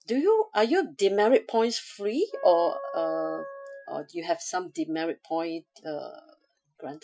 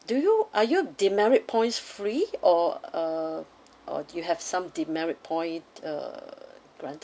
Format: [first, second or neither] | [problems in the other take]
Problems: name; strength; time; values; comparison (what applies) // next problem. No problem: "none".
second | noise reduction (classical method Wiener filter)